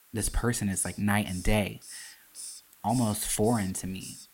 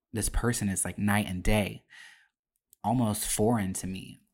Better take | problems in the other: second | hiss; noticeable; throughout; 15 dB below the speech

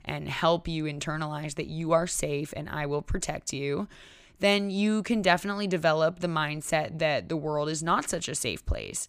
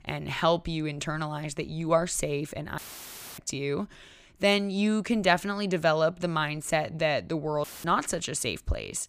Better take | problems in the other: first | audio cutting out; filled with static; at 3 s for 0.5 s and at 7.5 s

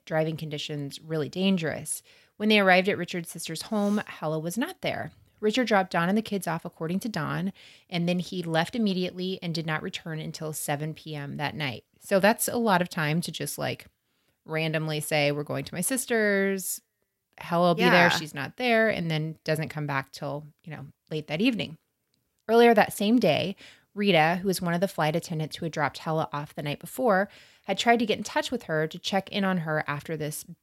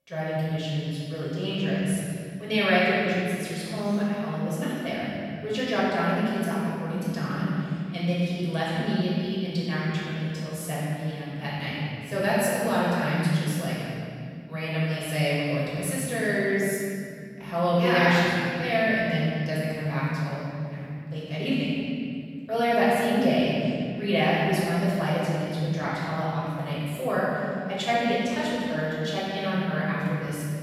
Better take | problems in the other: first | room echo; strong; dies away in 2.8 s // off-mic speech; far

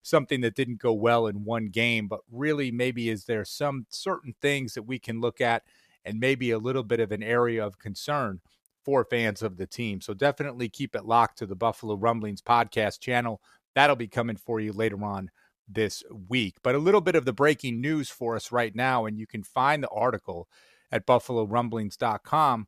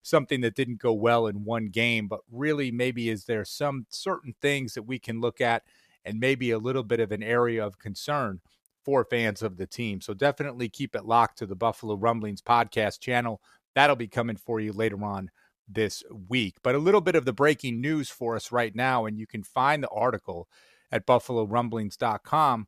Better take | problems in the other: neither | none

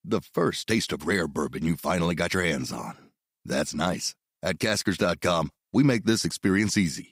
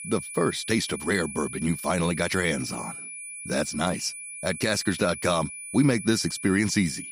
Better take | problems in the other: first | high-pitched whine; loud; throughout; 10 kHz, 10 dB below the speech

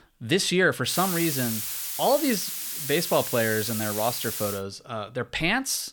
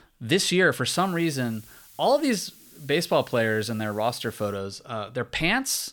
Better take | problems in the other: second | hiss; loud; from 1 to 4.5 s; 3 dB below the speech; faint in the second

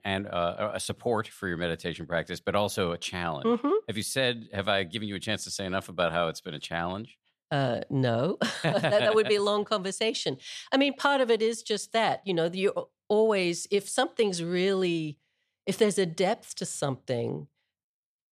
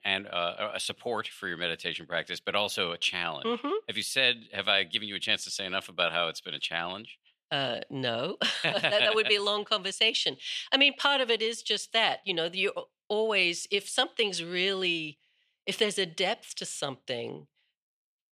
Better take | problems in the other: first | thin; very slightly; fading below 300 Hz

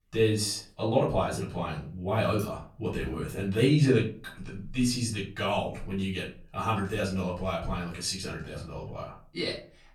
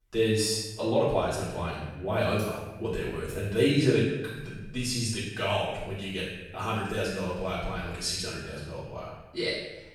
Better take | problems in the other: first | room echo; strong; dies away in 1 s; slight in the first // off-mic speech; far; far in the first

